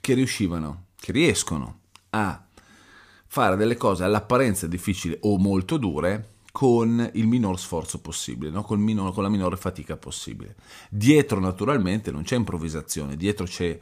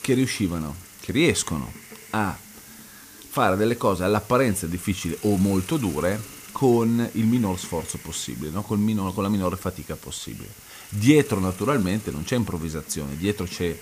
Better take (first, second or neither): first